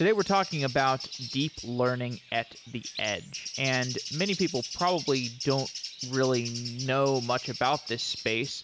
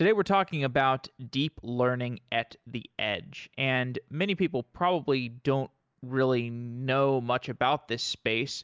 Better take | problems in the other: second | background sound (Bird); 10 dB below the speech

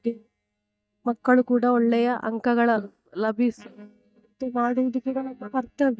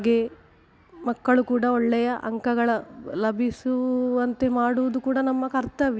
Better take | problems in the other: second | noise reduction (neural mask model DeepFilterNet 3)

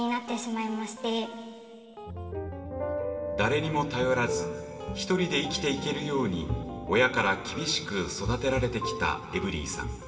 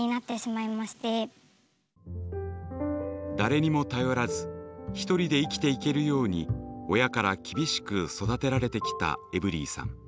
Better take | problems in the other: second | background sound (Guitar); 17 dB below the speech // room echo; dies away in 2.5 s

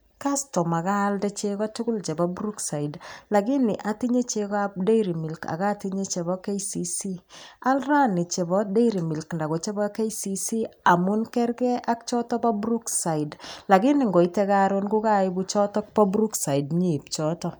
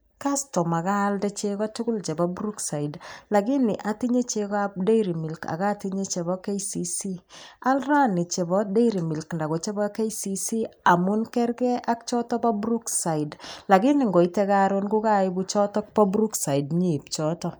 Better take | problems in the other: first | noise reduction (neural mask model Resemble Enhance denoiser)

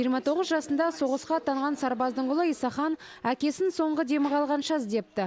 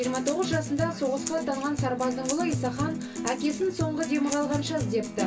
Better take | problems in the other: first | background sound (Acoustic guitar); 4 dB below the speech // room echo; dies away in 0.2 s

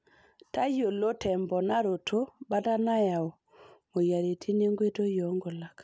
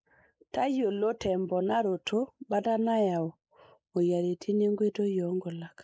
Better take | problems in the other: first | noise reduction (neural mask model Resemble Enhance denoiser)

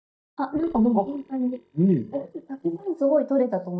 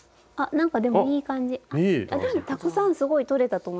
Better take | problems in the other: second | noise reduction (neural mask model DeepFilterNet 3)

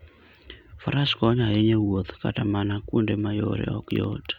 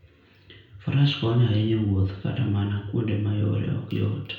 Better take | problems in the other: first | room echo; dies away in 0.5 s

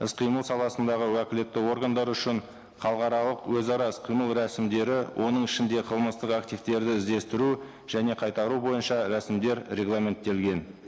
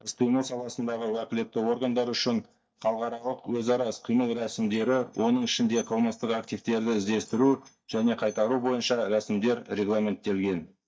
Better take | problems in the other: first | noise reduction (neural mask model DeepFilterNet 3)

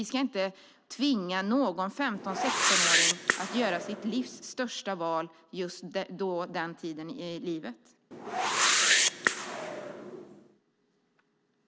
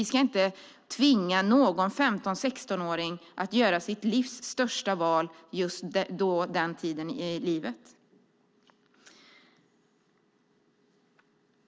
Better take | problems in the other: second | background sound (Whoosh, swoosh, swish); 4 dB above the speech

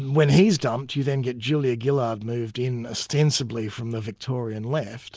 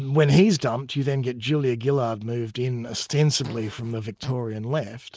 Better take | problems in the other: first | noise reduction (neural mask model RNNoise)

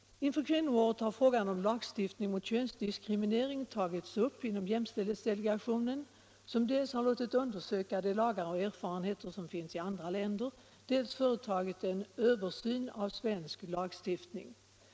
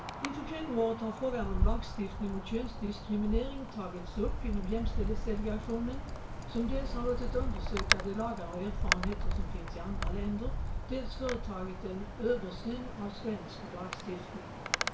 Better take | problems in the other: first | background sound (Wind); 2 dB above the speech // room echo; dies away in 0.3 s

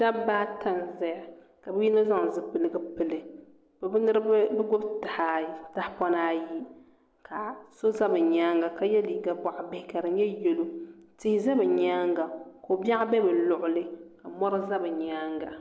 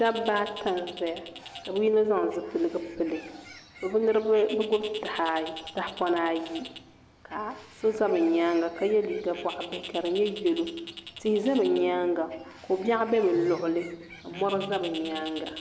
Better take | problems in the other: first | background sound (Bird + Electric guitar); 16 dB below the speech

